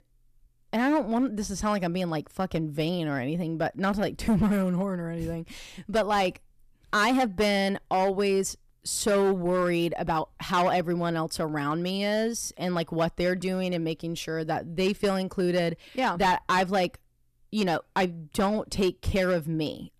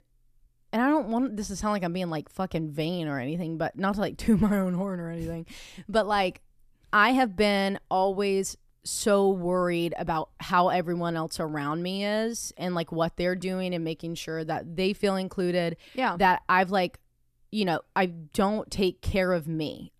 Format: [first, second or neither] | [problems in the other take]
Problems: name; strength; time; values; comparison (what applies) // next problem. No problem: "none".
second | distortion; slight; 6% of the sound clipped